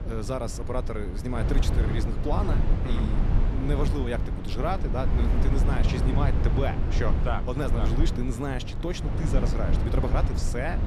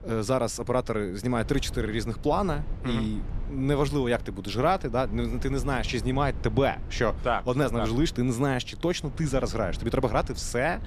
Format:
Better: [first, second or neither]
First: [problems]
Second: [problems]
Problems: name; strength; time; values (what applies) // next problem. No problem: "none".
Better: second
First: low rumble; loud; throughout; 4 dB below the speech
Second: low rumble; faint; throughout; 20 dB below the speech